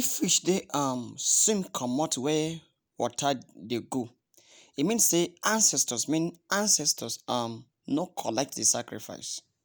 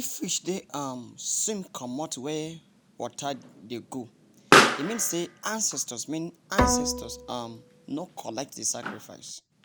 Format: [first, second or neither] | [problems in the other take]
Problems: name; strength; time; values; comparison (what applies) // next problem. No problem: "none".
first | background sound (Bowed string instrument + Explosion); 3 dB above the speech